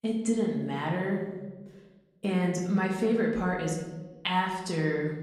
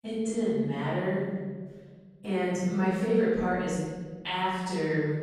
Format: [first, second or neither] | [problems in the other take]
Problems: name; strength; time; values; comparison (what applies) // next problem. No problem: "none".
first | room echo; strong; dies away in 1.6 s; slight in the first // off-mic speech; far; somewhat distant in the first